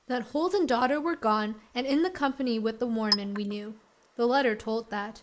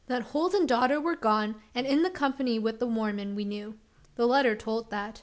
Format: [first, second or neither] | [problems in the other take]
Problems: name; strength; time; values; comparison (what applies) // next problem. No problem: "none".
second | noise reduction (neural mask model Resemble Enhance denoiser)